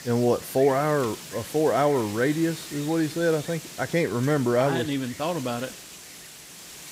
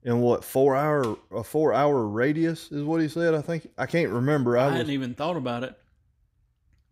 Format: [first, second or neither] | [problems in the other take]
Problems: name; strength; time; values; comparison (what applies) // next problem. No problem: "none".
second | wind noise on the microphone; occasional gusts; 15 dB below the speech